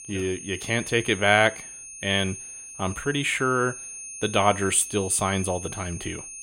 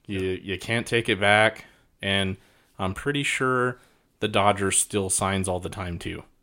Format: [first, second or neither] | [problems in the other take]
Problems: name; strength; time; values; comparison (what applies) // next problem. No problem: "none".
second | high-pitched whine; noticeable; throughout; 6.5 kHz, 10 dB below the speech